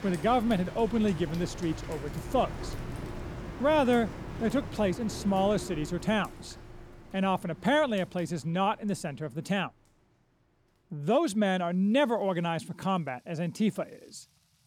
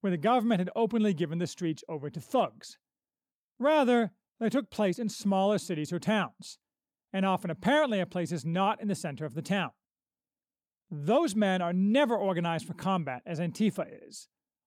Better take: second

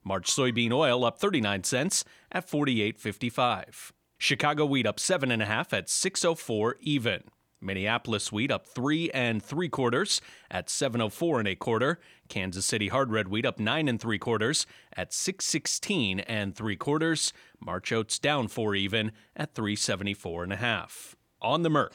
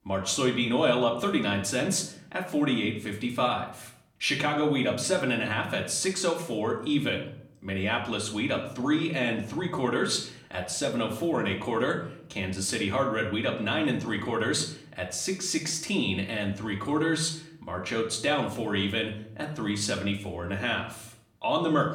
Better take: first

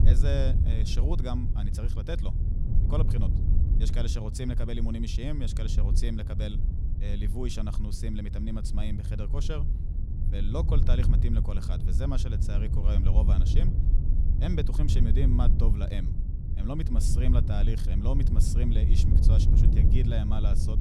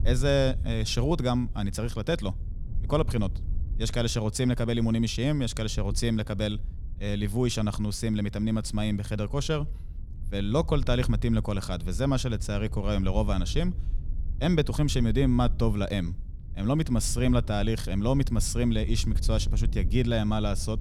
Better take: second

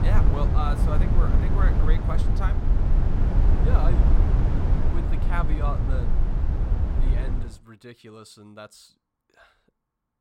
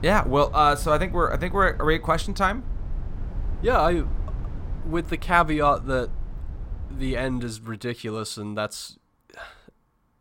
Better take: second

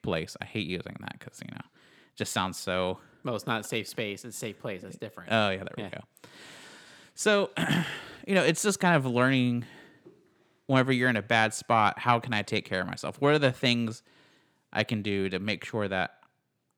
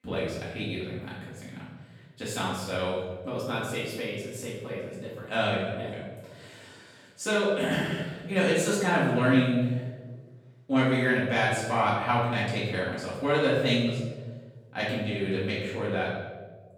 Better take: first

